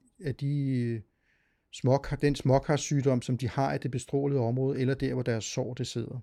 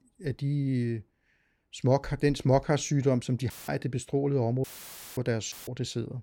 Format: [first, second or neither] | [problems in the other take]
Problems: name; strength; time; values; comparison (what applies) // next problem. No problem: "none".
first | audio cutting out; filled with static; at 3.5 s, at 4.5 s for 0.5 s and at 5.5 s